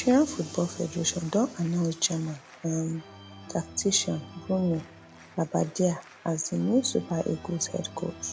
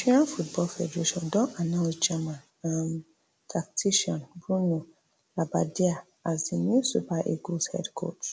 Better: second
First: background sound (Organ); 18 dB below the speech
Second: none

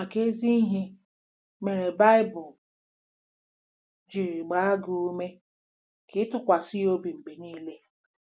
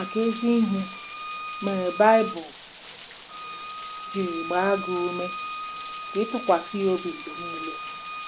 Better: first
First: none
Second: background sound (Rain + Bowed string instrument); 9 dB below the speech

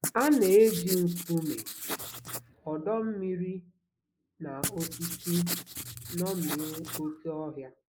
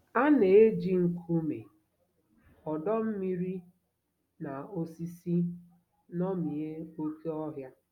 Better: second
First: noise reduction (neural mask model Resemble Enhance denoiser)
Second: none

